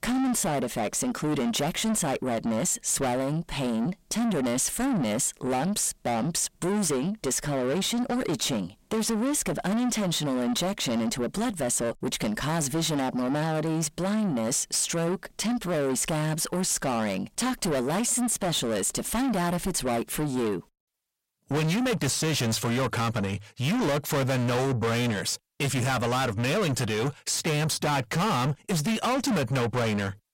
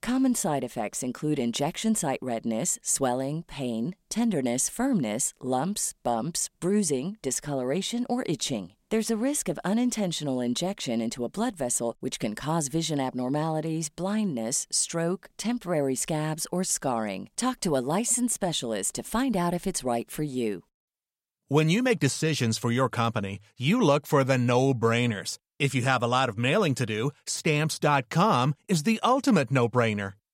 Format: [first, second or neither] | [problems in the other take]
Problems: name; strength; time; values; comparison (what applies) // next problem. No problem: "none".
second | distortion; heavy; 6 dB below the speech